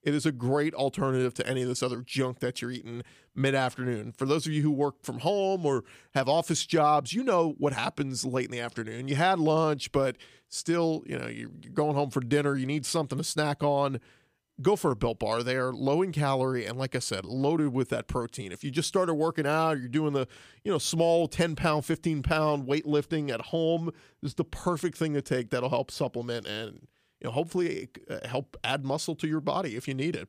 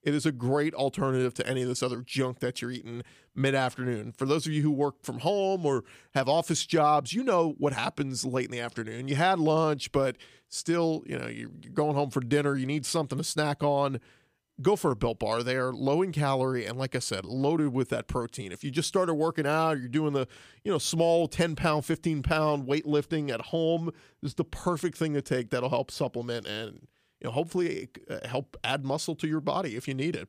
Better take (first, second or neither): neither